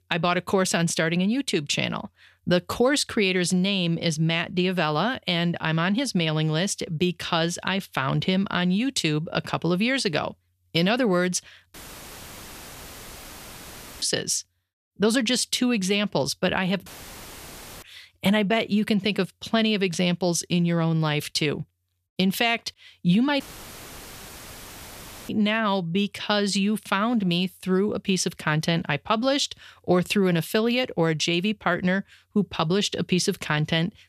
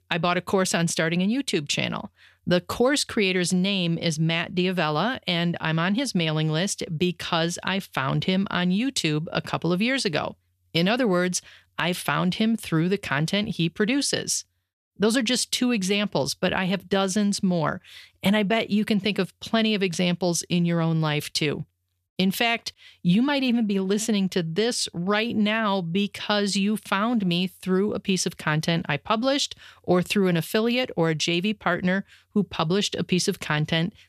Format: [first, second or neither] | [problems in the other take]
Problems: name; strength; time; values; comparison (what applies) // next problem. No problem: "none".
second | audio cutting out; filled with static; at 12 s for 2.5 s, at 17 s for 1 s and at 23 s for 2 s